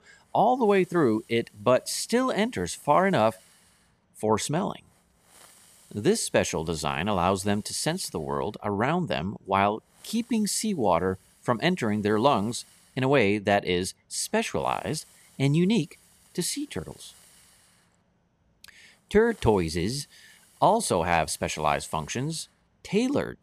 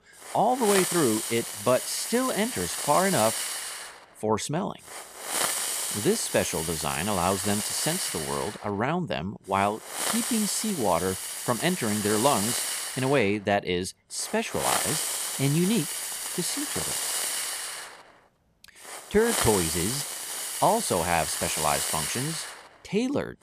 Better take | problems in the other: first | hiss; loud; throughout; 2 dB below the speech; faint in the first

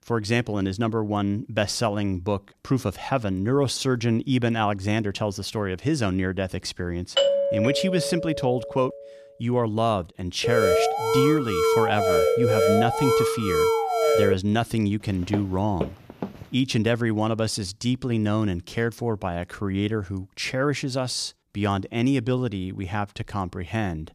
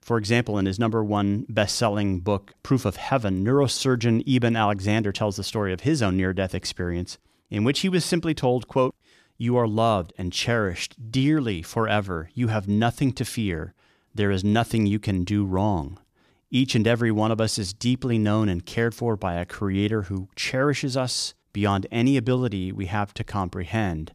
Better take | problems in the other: second | doorbell; loud; from 7 to 9 s; peak 5 dB above the speech // alarm; loud; from 10 to 14 s; peak 5 dB above the speech // footsteps; noticeable; from 15 to 16 s; peak 7 dB below the speech

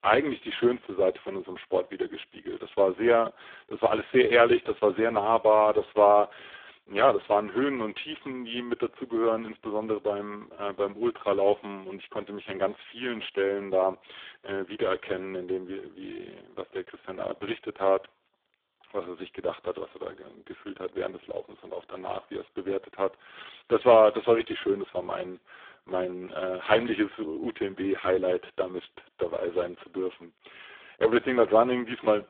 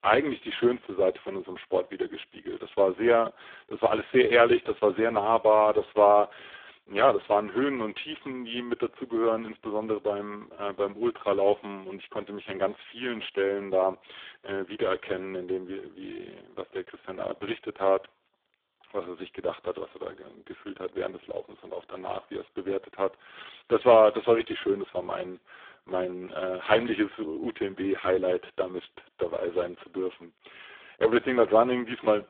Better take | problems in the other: neither | phone-call audio; poor line; the same in both

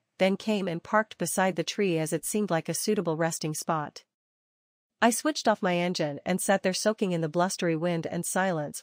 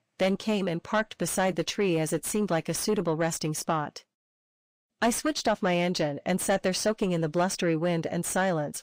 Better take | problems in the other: first | distortion; slight; 10 dB below the speech

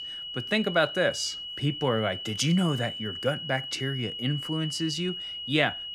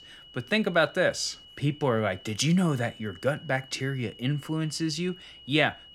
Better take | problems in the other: second | high-pitched whine; loud; throughout; 3 kHz, 6 dB below the speech; faint in the second

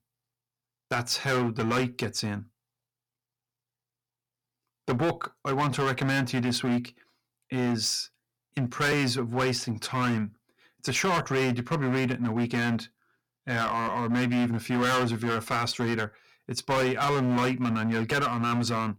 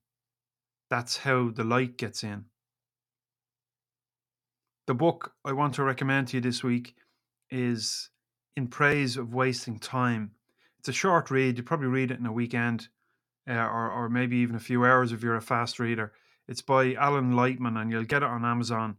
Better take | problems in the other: second | distortion; heavy; 13% of the sound clipped

